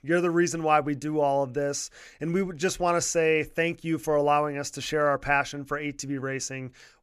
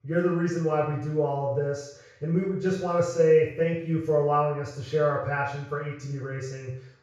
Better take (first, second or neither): first